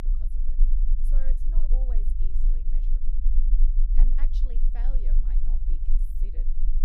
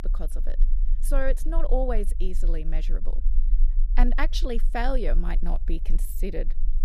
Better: second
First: low rumble; loud; throughout; 2 dB below the speech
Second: low rumble; faint; throughout; 25 dB below the speech

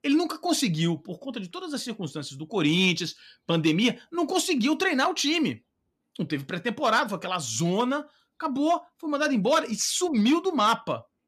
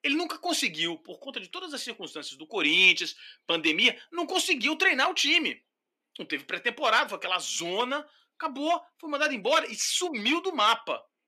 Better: first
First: none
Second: thin; somewhat; fading below 350 Hz

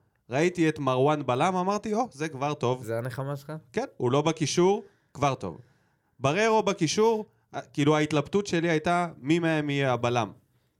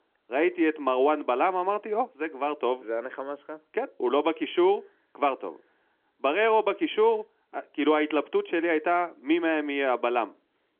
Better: first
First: none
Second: phone-call audio; nothing above 3.5 kHz

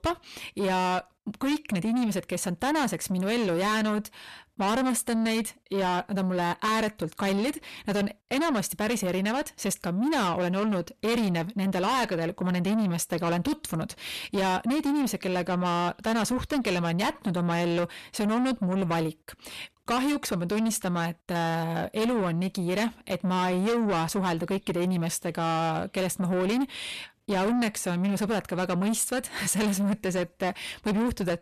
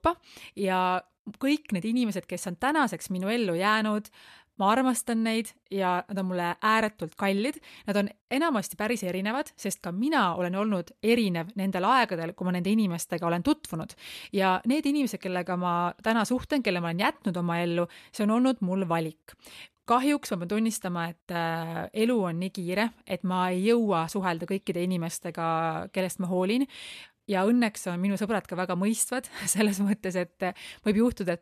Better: second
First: distortion; heavy; 7 dB below the speech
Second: none

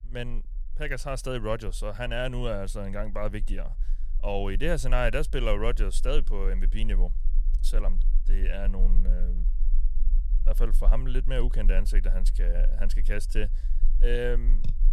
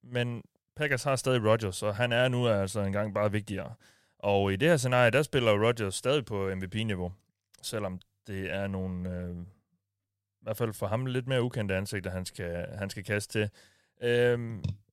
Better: second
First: low rumble; faint; throughout; 25 dB below the speech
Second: none

